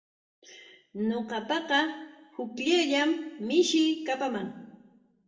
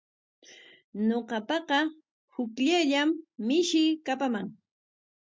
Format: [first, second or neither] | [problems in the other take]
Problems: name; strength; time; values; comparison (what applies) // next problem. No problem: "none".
second | room echo; dies away in 0.8 s